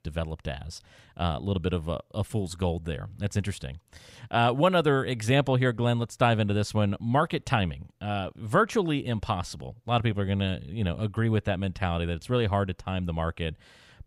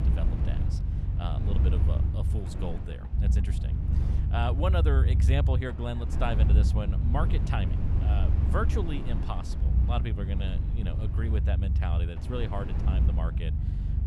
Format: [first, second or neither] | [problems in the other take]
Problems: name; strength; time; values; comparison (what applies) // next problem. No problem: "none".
first | low rumble; loud; throughout; 5 dB below the speech